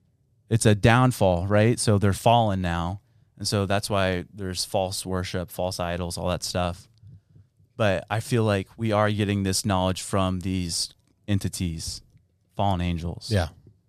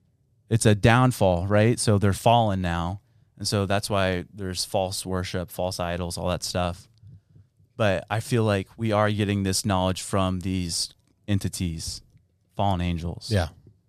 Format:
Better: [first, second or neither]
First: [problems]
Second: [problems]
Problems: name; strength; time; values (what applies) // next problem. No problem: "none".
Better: neither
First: none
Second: none